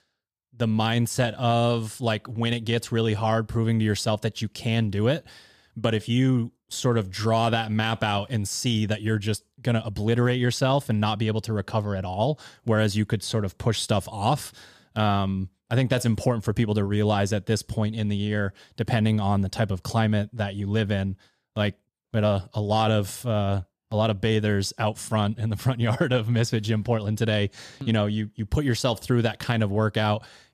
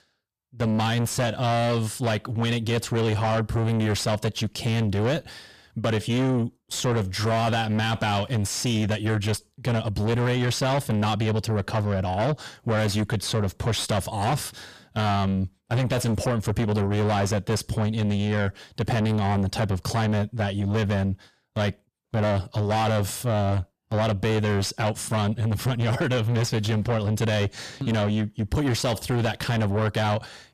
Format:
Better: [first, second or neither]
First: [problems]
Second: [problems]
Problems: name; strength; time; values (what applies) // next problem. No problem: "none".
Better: first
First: none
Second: distortion; heavy; 8 dB below the speech